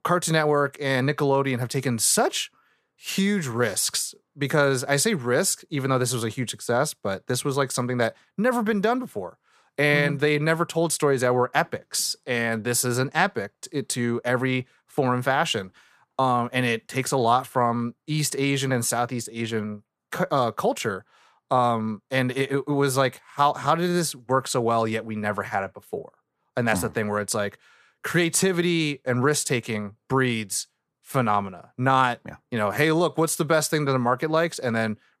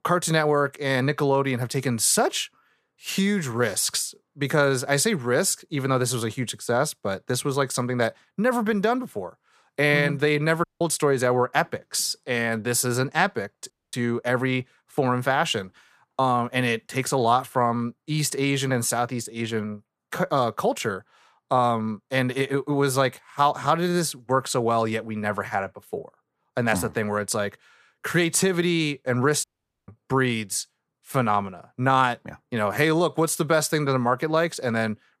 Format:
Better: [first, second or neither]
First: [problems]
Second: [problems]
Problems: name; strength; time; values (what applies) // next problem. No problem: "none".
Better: first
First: none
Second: audio cutting out; at 11 s, at 14 s and at 29 s